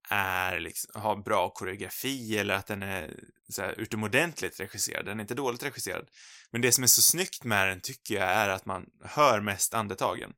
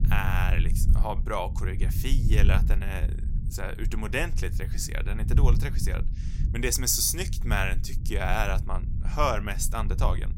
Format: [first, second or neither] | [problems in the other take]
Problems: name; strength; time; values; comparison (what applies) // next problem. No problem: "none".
first | low rumble; noticeable; throughout; 15 dB below the speech